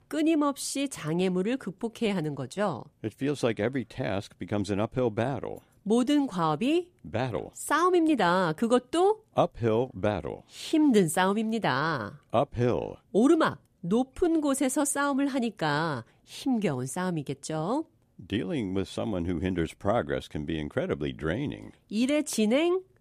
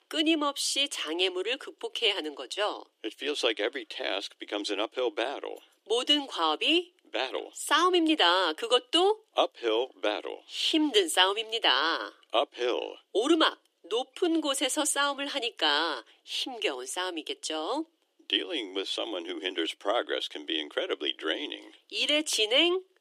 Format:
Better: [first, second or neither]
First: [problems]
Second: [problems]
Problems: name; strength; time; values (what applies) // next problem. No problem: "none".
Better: first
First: none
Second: thin; somewhat; fading below 300 Hz